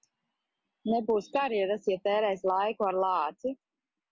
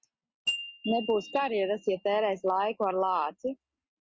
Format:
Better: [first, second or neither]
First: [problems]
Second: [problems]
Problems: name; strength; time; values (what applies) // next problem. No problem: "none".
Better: first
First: none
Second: noise reduction (neural mask model RNNoise)